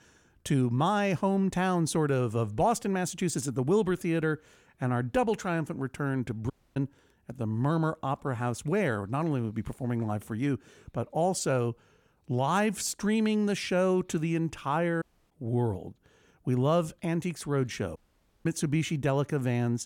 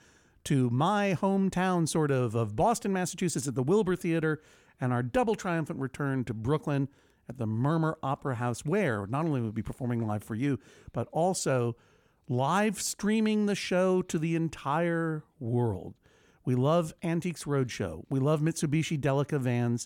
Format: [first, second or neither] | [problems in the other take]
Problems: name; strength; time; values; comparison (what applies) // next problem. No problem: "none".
second | audio cutting out; at 6.5 s, at 15 s and at 18 s